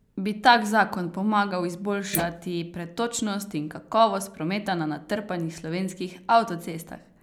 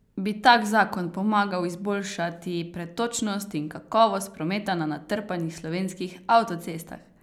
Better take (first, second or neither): second